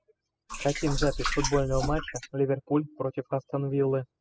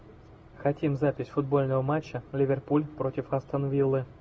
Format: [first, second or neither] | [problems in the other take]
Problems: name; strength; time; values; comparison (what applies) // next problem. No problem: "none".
second | noise reduction (classical method spectral subtraction)